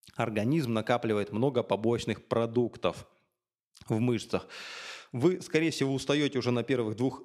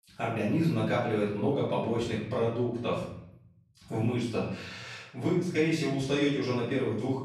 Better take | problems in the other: first | off-mic speech; far // room echo; noticeable; dies away in 0.8 s

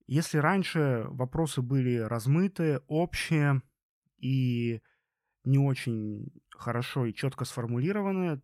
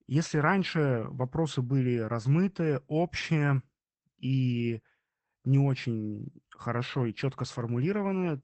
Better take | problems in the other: first | garbled, watery; badly; nothing above 8 kHz

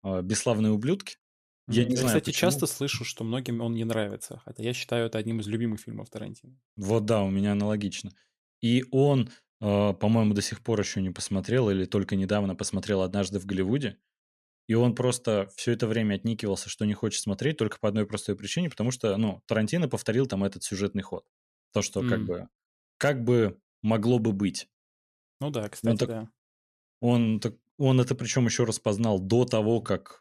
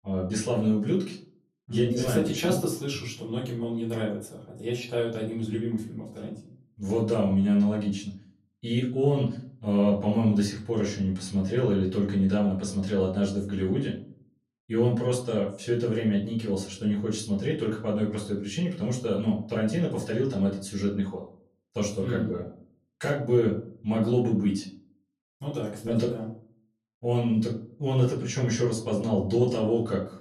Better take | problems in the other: first | off-mic speech; far // room echo; slight; dies away in 0.4 s

